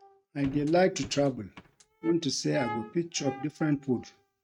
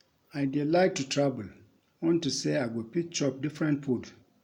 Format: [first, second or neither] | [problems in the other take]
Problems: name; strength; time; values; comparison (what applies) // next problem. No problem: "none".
second | noise reduction (neural mask model RNNoise)